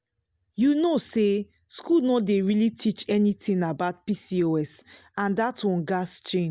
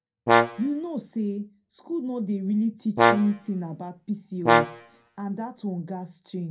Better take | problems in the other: first | background sound (Brass instrument); 5 dB above the speech // room echo; dies away in 0.2 s

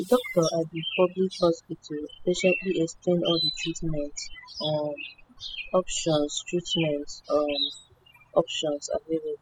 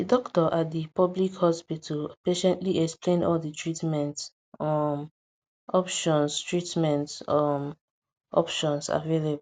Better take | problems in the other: second | noise reduction (classical method spectral subtraction)

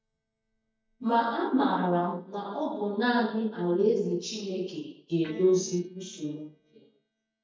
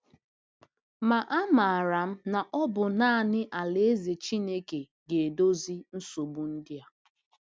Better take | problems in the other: second | noise reduction (neural mask model DeepFilterNet 3)

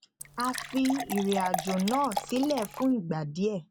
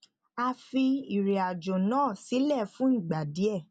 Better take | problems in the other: second | background sound (Fill (with liquid) / Water); 7 dB below the speech

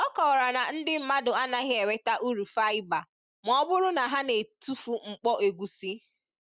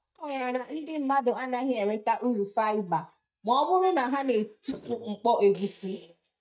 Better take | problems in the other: first | noise reduction (neural mask model DeepFilterNet 3)

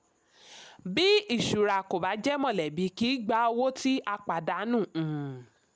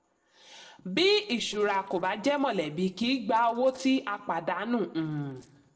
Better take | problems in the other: first | noise reduction (neural separator model SepFormer DNS4)

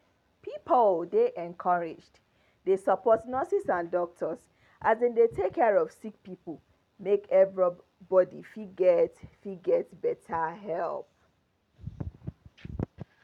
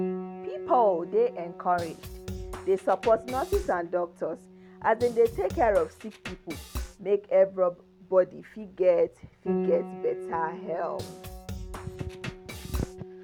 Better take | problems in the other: first | background sound (Drum kit + Piano); 10 dB below the speech

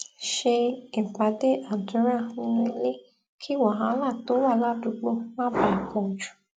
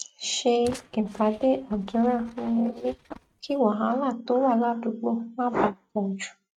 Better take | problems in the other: first | noise reduction (neural mask model RNNoise)

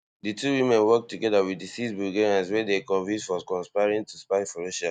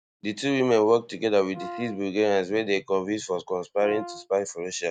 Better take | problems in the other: first | noise reduction (neural mask model RNNoise)

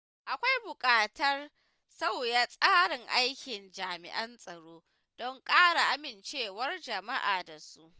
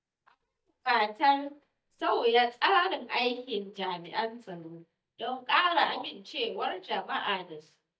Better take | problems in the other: first | noise reduction (neural mask model DeepFilterNet 3)

